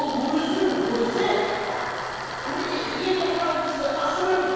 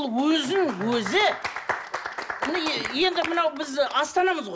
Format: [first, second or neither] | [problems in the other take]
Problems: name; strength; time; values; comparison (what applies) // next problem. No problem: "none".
second | background sound (Tools); 13 dB below the speech // room echo; dies away in 2.2 s